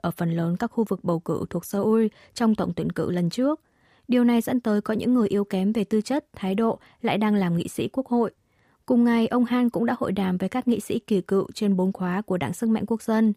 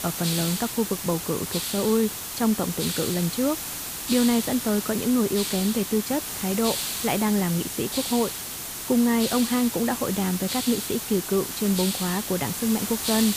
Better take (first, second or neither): first